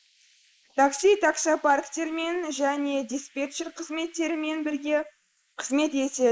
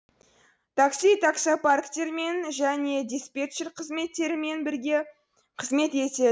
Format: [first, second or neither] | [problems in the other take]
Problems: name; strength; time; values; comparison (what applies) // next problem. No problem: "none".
second | noise reduction (neural mask model Resemble Enhance denoiser)